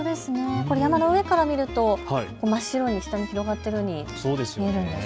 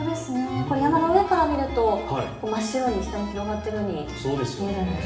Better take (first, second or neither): first